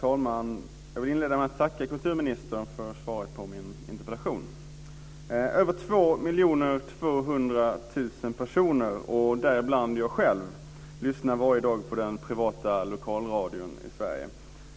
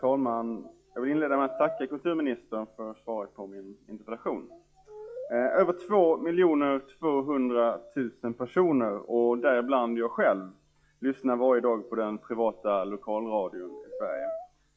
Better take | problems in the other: first | noise reduction (classical method log-MMSE)

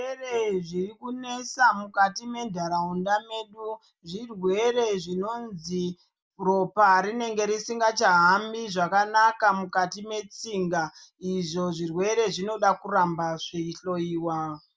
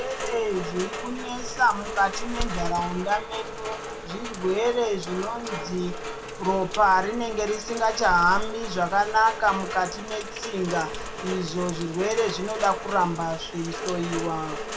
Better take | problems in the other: first | background sound (Rain); 7 dB below the speech // room echo; dies away in 1.2 s

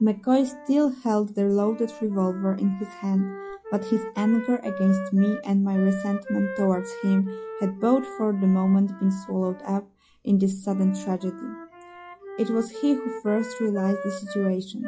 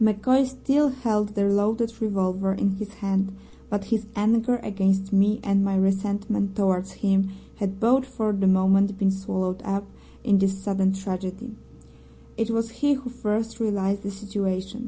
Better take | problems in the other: second | noise reduction (classical method log-MMSE)

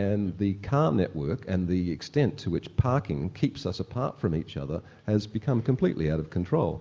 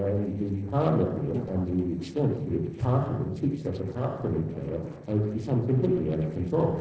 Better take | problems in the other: first | noise reduction (neural separator model SepFormer DNS4)

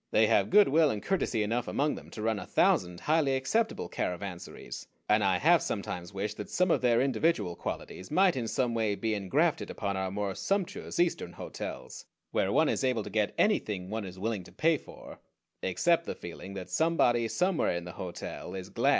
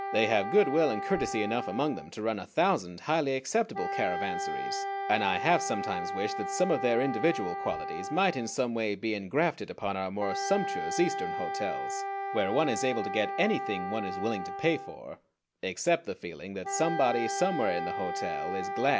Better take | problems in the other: first | background sound (Wind instrument, woodwind instrument); 5 dB below the speech

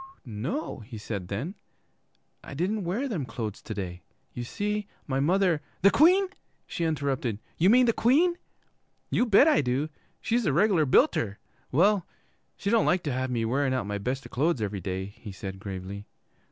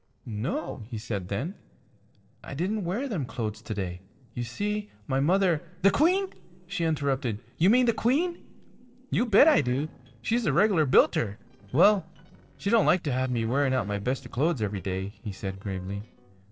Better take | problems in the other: first | noise reduction (neural separator model SepFormer DNS4)

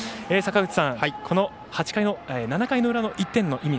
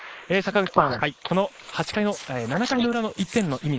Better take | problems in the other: first | noise reduction (neural mask model Resemble Enhance denoiser)

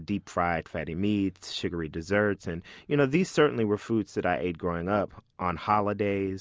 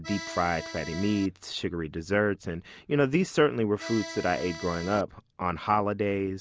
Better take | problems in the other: first | background sound (Accordion); 11 dB below the speech

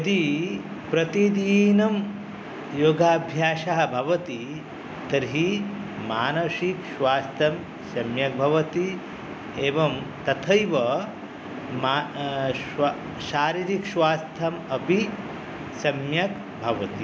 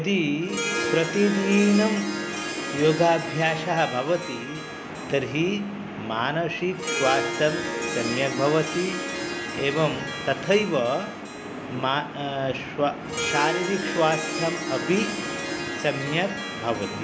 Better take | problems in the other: first | background sound (Harp); 6 dB below the speech

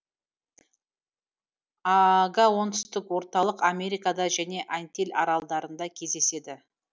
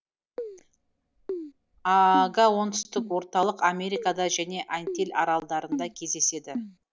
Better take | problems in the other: first | background sound (Keyboard (musical)); 11 dB below the speech

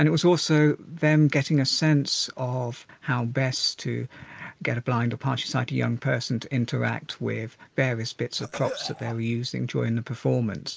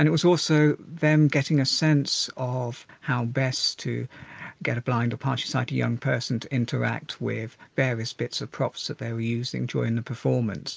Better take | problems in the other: second | background sound (Cough); 12 dB below the speech

